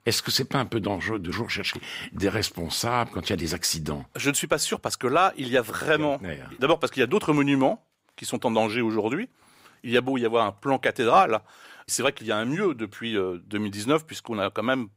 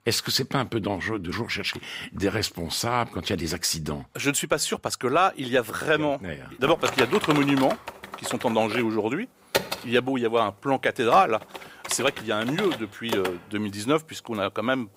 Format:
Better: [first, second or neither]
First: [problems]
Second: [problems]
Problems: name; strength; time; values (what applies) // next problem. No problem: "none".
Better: first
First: none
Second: keyboard typing; noticeable; from 6.5 to 13 s; peak 1 dB below the speech